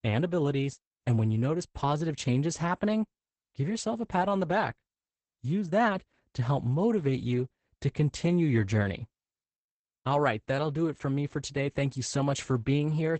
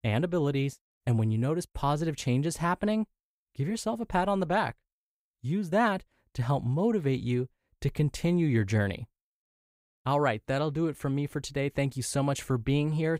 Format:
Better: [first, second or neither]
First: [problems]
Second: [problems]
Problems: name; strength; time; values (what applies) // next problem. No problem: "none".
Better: second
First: garbled, watery; badly; nothing above 8 kHz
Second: none